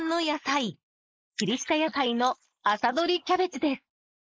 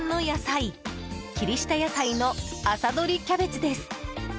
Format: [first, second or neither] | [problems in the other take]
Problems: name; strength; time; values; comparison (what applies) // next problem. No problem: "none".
second | noise reduction (neural mask model Resemble Enhance denoiser)